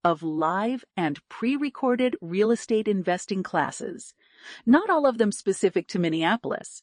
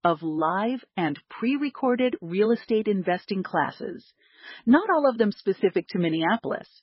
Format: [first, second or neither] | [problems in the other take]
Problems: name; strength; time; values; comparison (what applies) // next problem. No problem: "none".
first | garbled, watery; badly; nothing above 5.5 kHz; slightly in the first